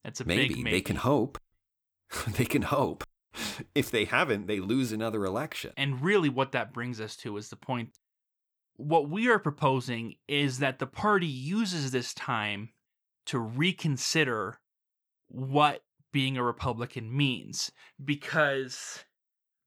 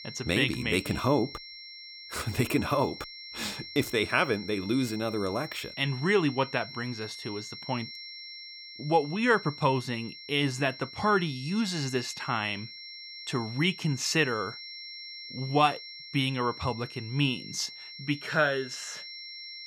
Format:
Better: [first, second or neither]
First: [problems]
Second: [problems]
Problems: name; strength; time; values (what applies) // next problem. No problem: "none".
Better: first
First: none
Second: high-pitched whine; noticeable; throughout; 5.5 kHz, 10 dB below the speech